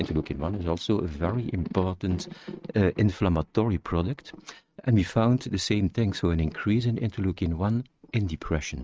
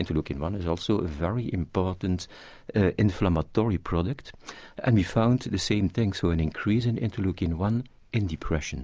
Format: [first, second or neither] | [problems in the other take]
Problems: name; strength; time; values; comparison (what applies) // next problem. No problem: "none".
second | noise reduction (neural mask model RNNoise)